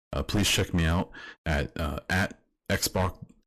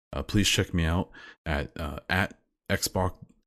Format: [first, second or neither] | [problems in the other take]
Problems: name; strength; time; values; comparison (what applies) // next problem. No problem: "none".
second | distortion; heavy; 11% of the sound clipped